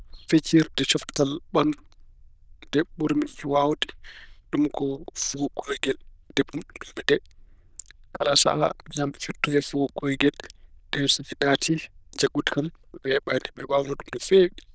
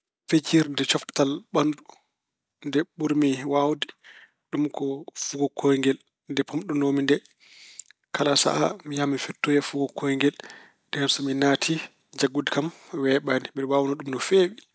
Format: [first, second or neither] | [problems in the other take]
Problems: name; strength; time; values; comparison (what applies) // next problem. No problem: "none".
second | noise reduction (neural diffusion model UNIVERSE++)